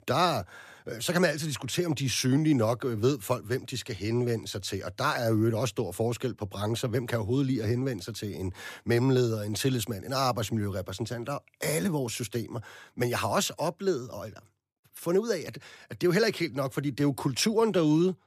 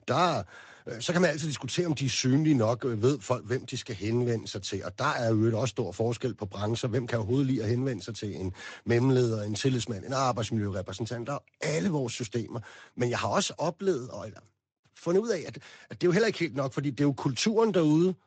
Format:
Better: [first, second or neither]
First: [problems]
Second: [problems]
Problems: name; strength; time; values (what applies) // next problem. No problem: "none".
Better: first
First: none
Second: garbled, watery; slightly; nothing above 8 kHz